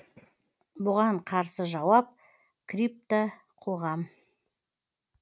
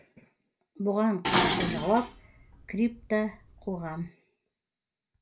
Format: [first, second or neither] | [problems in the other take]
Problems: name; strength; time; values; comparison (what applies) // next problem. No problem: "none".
first | background sound (Dishes, pots, and pans); 1 dB below the speech // room echo; dies away in 0.2 s